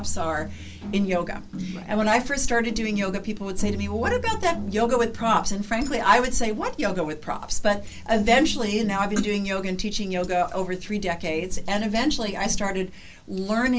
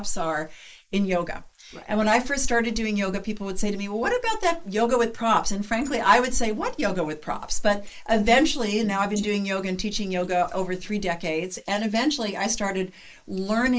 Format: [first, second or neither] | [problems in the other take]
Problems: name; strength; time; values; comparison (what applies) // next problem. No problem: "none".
first | noise reduction (neural mask model Resemble Enhance denoiser)